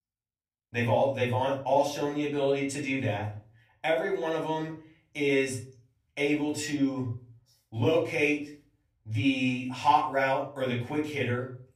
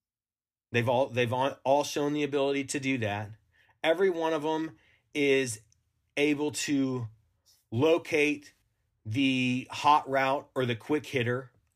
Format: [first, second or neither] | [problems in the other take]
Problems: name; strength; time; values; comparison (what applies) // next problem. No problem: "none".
second | off-mic speech; far // room echo; slight; dies away in 0.4 s